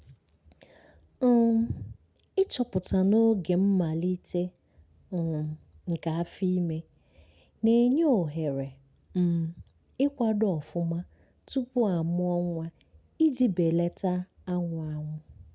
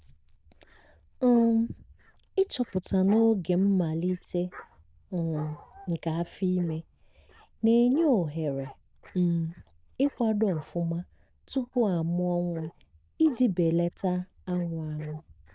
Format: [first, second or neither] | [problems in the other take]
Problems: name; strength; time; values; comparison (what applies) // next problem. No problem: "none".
first | noise reduction (neural diffusion model UNIVERSE++)